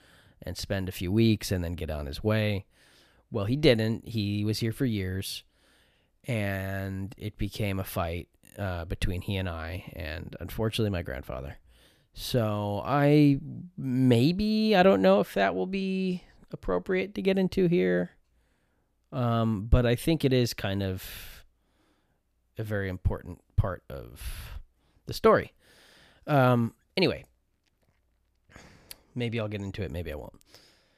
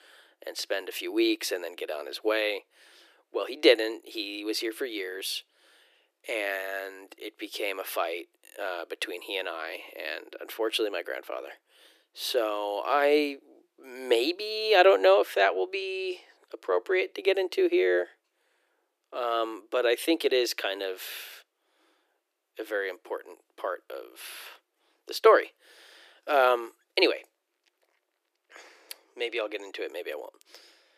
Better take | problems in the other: first | thin; very; fading below 350 Hz

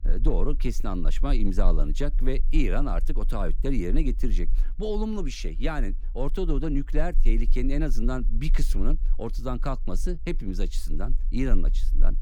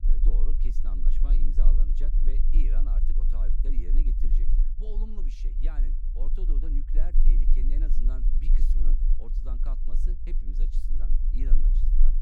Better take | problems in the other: first | low rumble; loud; throughout; 4 dB below the speech; faint in the first

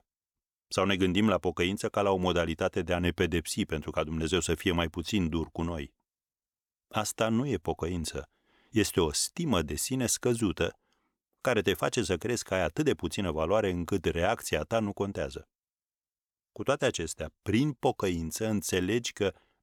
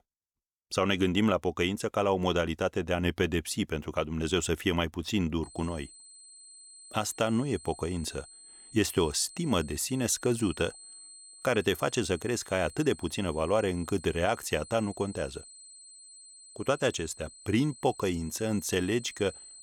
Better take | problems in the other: first | high-pitched whine; noticeable; from 5.5 s on; 8 kHz, 20 dB below the speech

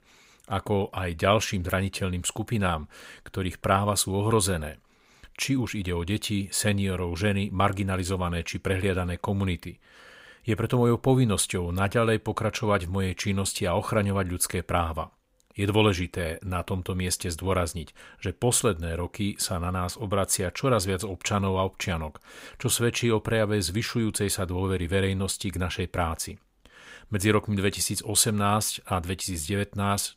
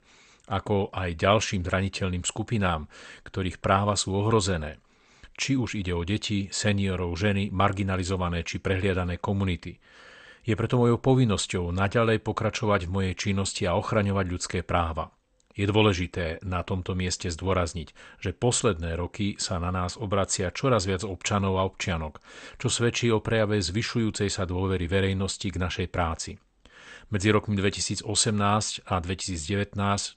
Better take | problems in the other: first | garbled, watery; slightly; nothing above 8.5 kHz

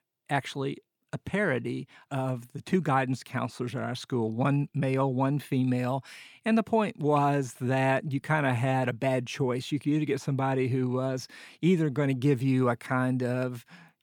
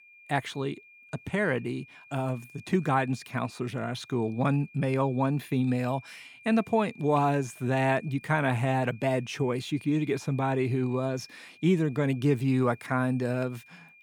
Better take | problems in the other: first | high-pitched whine; faint; throughout; 2.5 kHz, 25 dB below the speech

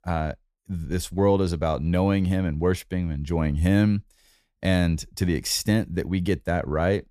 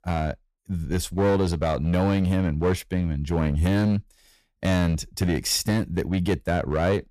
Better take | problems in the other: first | distortion; slight; 10% of the sound clipped

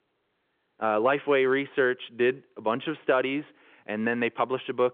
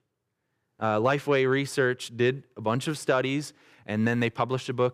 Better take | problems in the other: second | phone-call audio; nothing above 3.5 kHz

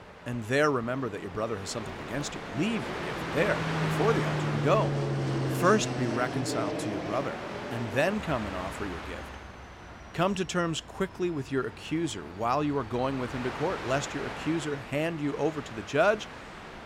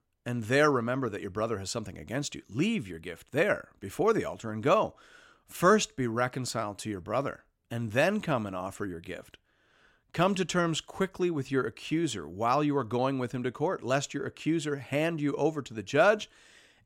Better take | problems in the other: second | train or aircraft noise; loud; throughout; 4 dB below the speech

